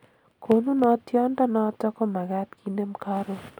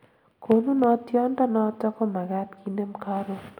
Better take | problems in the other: first | room echo; dies away in 1.1 s

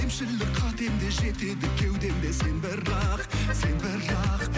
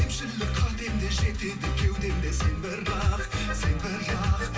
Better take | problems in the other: first | room echo; dies away in 0.2 s

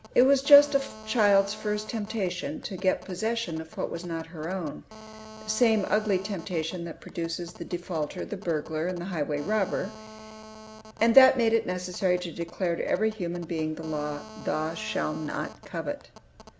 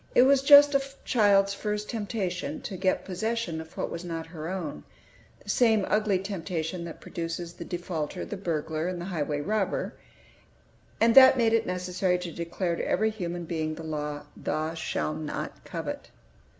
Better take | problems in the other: second | background sound (Telephone); 19 dB below the speech

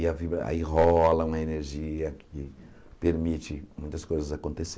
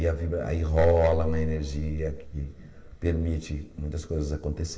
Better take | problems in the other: first | room echo; dies away in 2.2 s

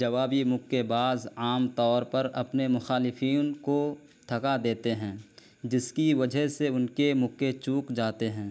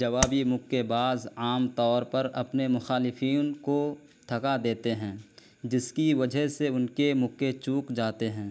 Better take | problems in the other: first | background sound (Tap); 1 dB below the speech

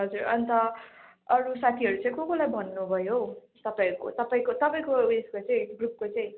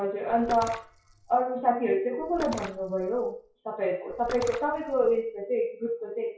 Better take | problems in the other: first | noise reduction (classical method WPE with log-MMSE)

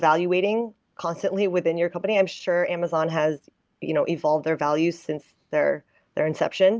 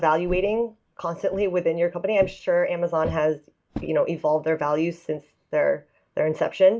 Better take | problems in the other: first | background sound (Walk, footsteps); 16 dB below the speech // room echo; dies away in 0.2 s

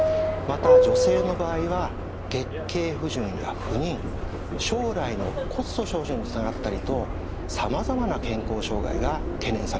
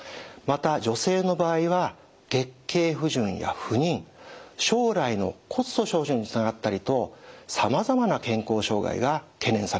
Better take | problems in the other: second | background sound (Subway, metro, underground); 3 dB above the speech

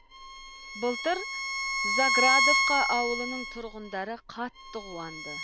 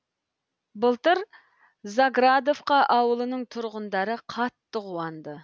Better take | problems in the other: second | background sound (Bowed string instrument); 3 dB above the speech

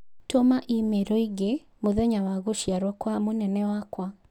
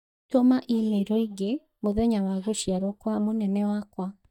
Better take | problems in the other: first | noise reduction (neural mask model DeepFilterNet 3)

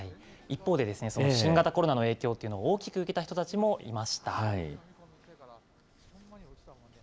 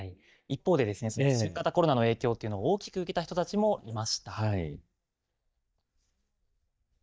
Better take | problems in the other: first | noise reduction (neural mask model DeepFilterNet 3)

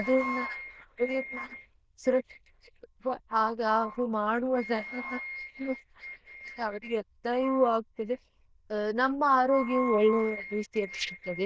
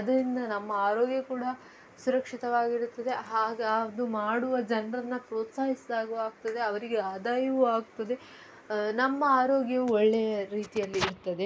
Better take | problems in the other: second | noise reduction (neural diffusion model UNIVERSE++)

